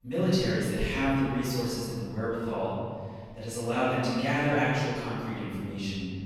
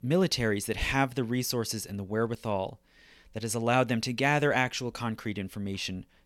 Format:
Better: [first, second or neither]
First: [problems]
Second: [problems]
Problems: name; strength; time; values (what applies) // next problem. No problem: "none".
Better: second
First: off-mic speech; far // room echo; strong; dies away in 2 s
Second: none